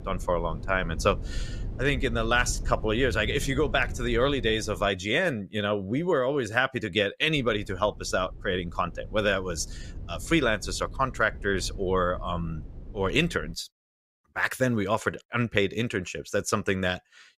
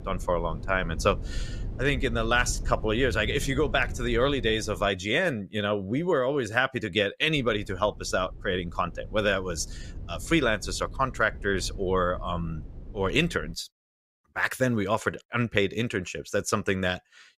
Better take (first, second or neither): neither